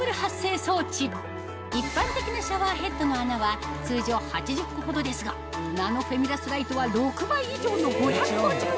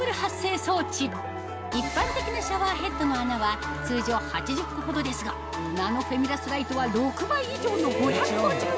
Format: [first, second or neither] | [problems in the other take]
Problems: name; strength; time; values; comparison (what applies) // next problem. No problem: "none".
first | background sound (Motor vehicle (road) / Siren); 13 dB below the speech